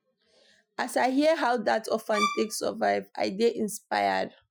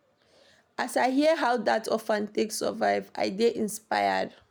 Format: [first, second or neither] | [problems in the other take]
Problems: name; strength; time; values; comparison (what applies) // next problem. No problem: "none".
second | noise reduction (classical method Wiener filter)